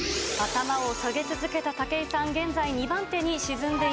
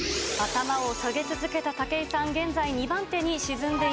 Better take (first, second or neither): second